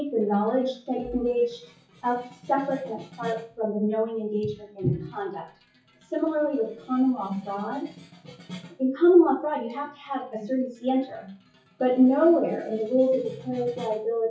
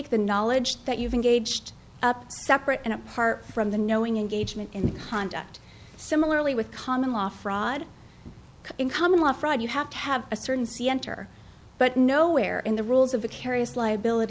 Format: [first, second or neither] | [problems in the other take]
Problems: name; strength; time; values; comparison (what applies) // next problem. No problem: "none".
second | noise reduction (classical method WPE with log-MMSE)